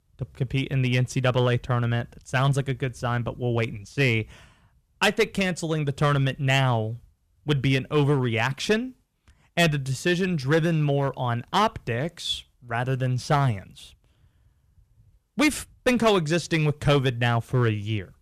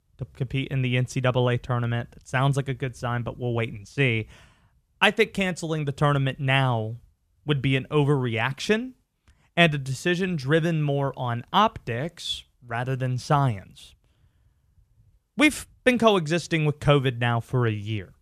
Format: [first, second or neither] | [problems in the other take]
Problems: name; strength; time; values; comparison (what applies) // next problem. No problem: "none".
second | distortion; slight; 3% of the sound clipped